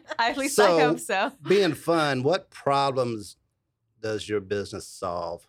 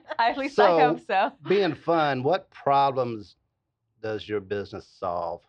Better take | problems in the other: first | muffled; slightly; fading above 4.5 kHz

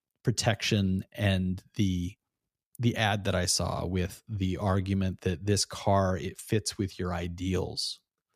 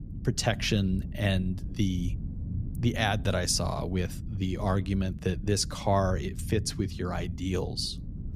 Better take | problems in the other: first | low rumble; noticeable; throughout; 15 dB below the speech

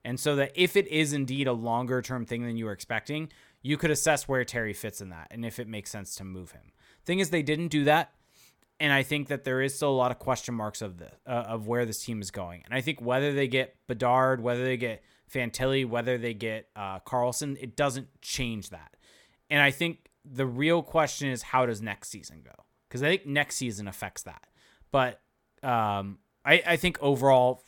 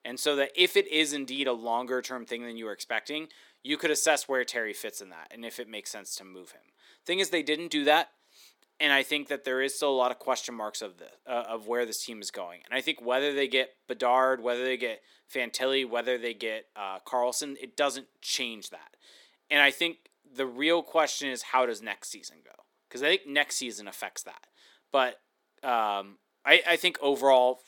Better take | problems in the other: first | thin; somewhat; fading below 300 Hz

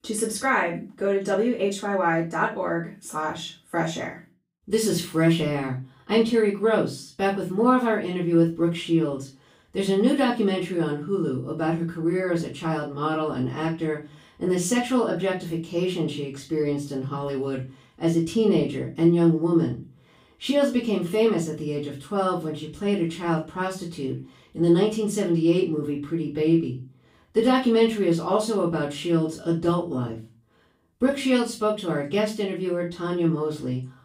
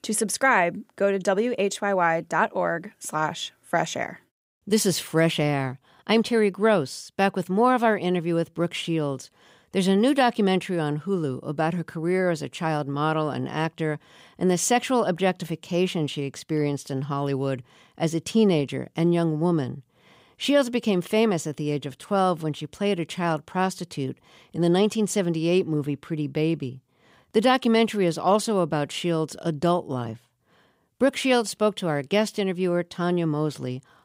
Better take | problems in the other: second | off-mic speech; far // room echo; slight; dies away in 0.3 s

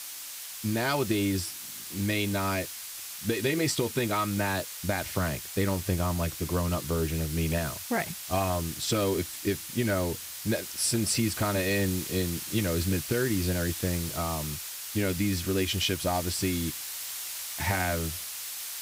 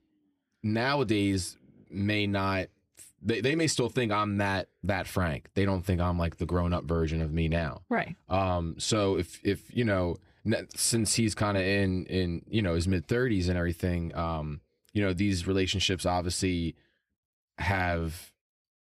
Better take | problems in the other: second | hiss; loud; throughout; 6 dB below the speech

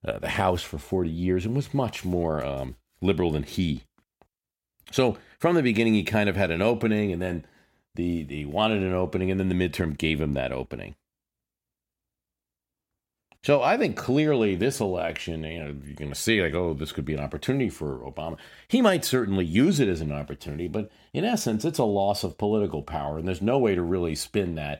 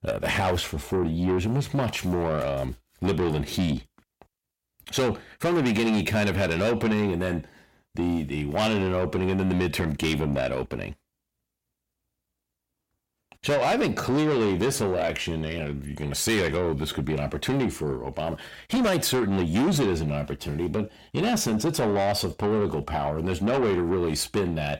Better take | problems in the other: first | distortion; heavy; 7 dB below the speech

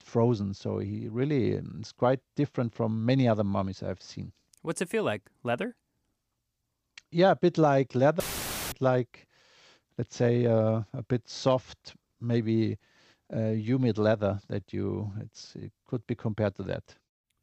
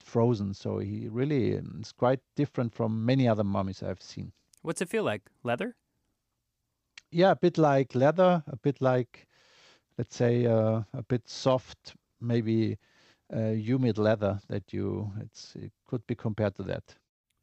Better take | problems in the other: second | audio cutting out; filled with static; at 8 s for 0.5 s

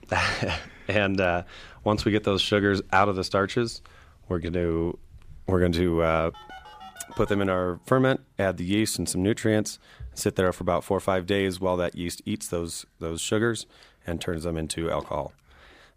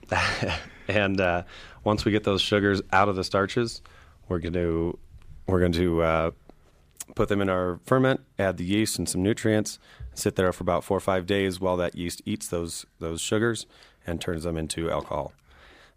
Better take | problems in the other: second | phone ringing; faint; from 6.5 to 7.5 s; peak 15 dB below the speech

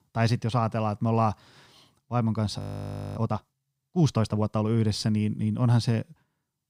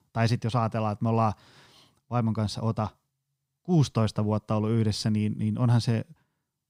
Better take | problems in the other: second | audio freezing; at 2.5 s for 0.5 s

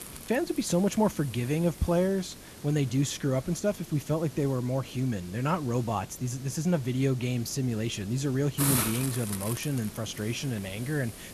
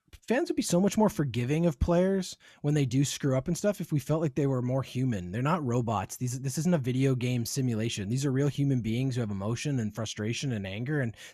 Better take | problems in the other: second | hiss; loud; throughout; 9 dB below the speech

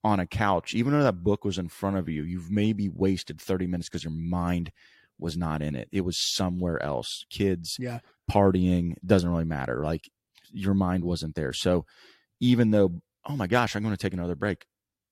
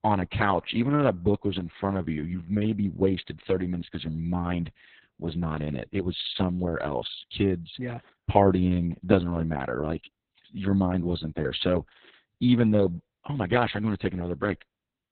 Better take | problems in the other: first | garbled, watery; badly; nothing above 4 kHz

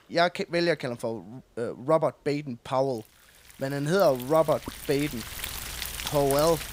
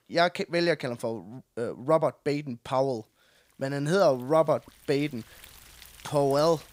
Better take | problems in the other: second | rain or running water; loud; throughout; 9 dB below the speech; faint in the second

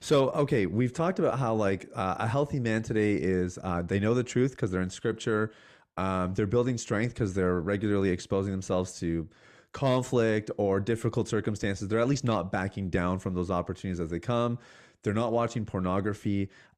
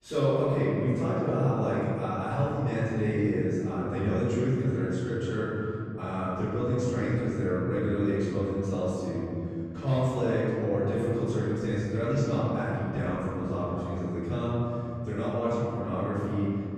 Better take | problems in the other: first | off-mic speech; far // room echo; strong; dies away in 3 s

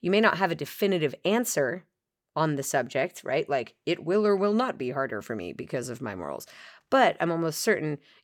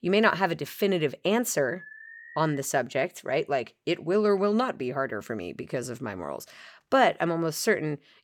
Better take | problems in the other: first | alarm; faint; at 1.5 s; peak 15 dB below the speech

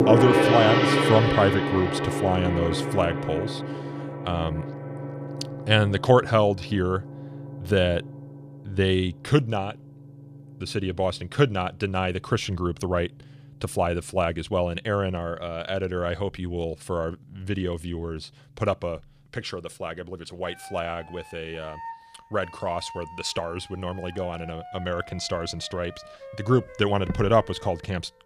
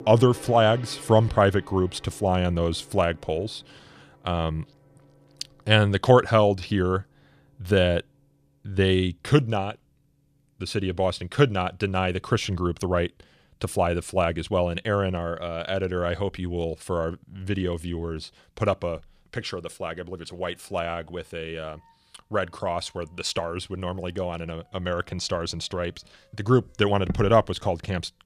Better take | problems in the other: second | background music; loud; throughout; 1 dB below the speech; faint in the second

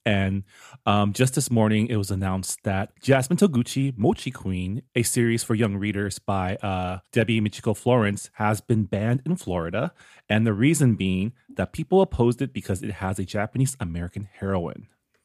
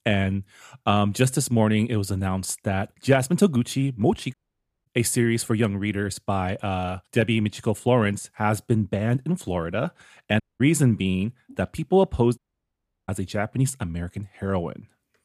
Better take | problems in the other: first | audio cutting out; at 4.5 s for 0.5 s, at 10 s and at 12 s for 0.5 s

